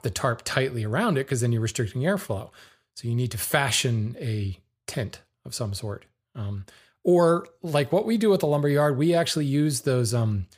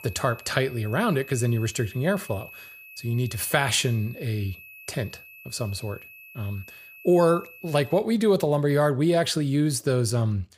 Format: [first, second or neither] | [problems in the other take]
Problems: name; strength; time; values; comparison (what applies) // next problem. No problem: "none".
first | high-pitched whine; noticeable; until 8 s; 2.5 kHz, 20 dB below the speech